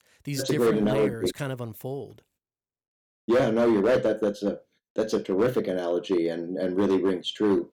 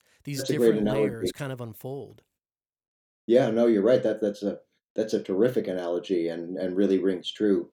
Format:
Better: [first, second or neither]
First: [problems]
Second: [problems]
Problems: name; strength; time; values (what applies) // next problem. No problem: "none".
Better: second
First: distortion; slight; 5% of the sound clipped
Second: none